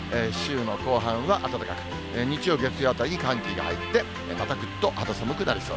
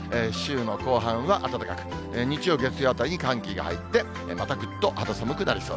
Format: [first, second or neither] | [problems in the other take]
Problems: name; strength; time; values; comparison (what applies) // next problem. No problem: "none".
second | background sound (Bus); 12 dB below the speech